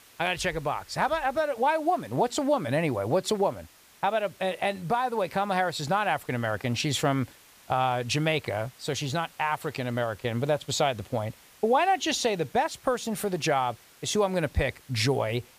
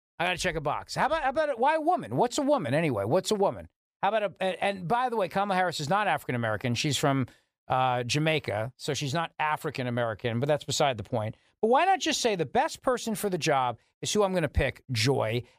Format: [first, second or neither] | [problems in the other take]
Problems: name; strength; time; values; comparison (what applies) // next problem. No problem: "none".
second | hiss; faint; throughout; 25 dB below the speech